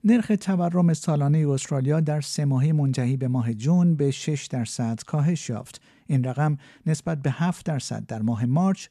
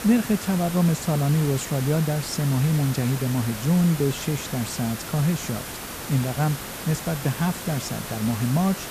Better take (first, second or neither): first